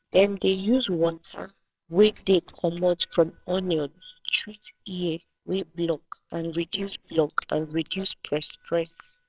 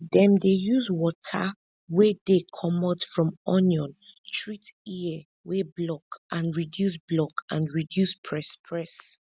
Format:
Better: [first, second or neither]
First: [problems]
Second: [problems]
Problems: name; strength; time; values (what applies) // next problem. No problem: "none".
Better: second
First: noise reduction (neural separator model SepFormer WHAMR!)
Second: none